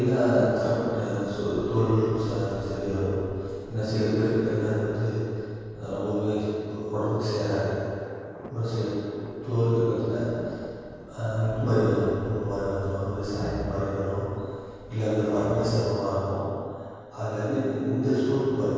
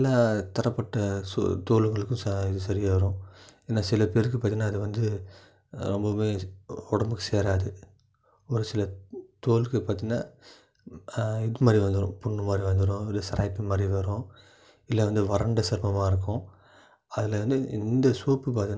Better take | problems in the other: second | background sound (Thunder); 20 dB below the speech // room echo; dies away in 2.2 s

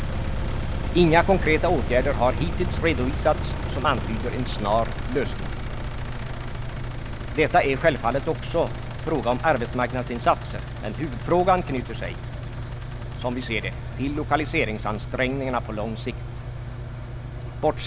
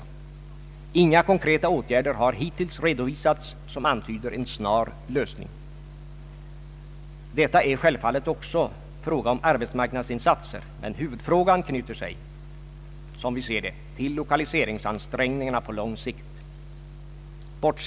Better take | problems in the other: second | background sound (Engine); 4 dB below the speech

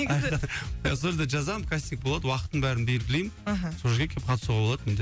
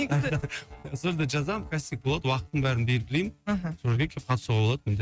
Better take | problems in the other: first | noise reduction (neural mask model RNNoise)

